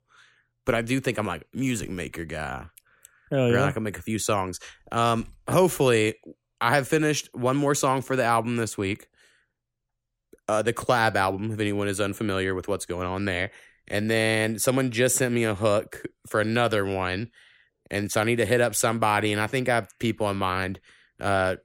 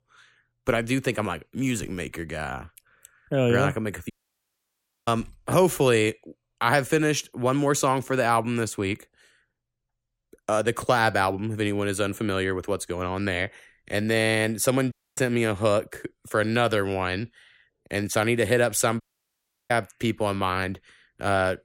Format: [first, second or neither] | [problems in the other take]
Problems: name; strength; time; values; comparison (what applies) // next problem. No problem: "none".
first | audio cutting out; at 4 s for 1 s, at 15 s and at 19 s for 0.5 s